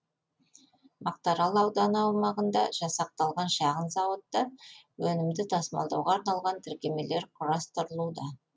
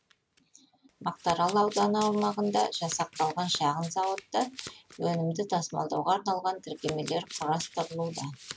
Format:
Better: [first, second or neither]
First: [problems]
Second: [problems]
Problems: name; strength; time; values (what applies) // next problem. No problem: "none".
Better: first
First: none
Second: background sound (Domestic sounds, home sounds); 16 dB below the speech